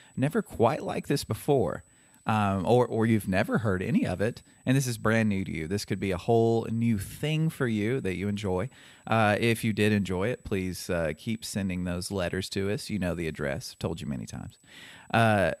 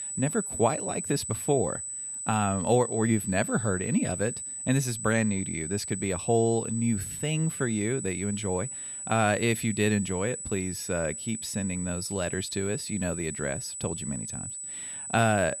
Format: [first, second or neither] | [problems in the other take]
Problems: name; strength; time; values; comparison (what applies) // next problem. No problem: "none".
first | high-pitched whine; loud; throughout; 8 kHz, 6 dB below the speech; faint in the first